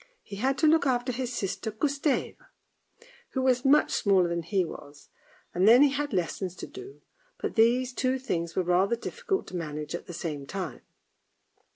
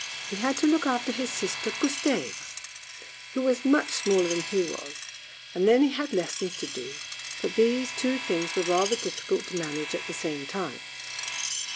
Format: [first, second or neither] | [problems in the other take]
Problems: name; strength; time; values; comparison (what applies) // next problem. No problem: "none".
first | background sound (Screech + Domestic sounds, home sounds); 8 dB below the speech